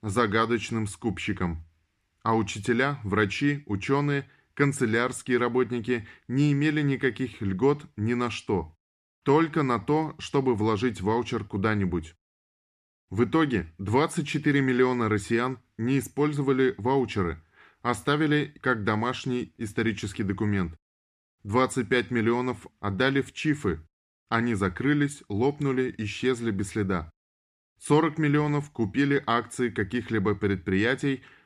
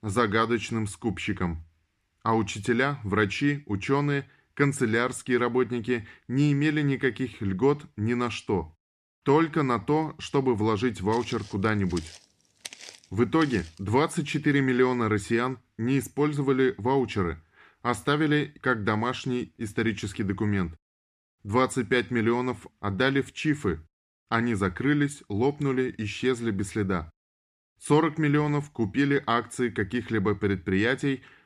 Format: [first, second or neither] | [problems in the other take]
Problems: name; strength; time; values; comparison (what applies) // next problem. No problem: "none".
first | footsteps; faint; from 11 to 14 s; peak 15 dB below the speech